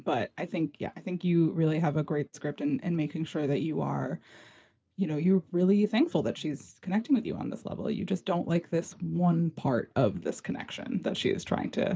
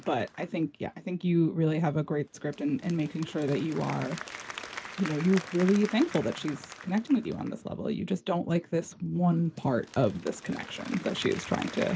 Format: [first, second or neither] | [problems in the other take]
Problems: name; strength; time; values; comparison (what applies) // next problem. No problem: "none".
first | background sound (Applause / Crowd); 16 dB below the speech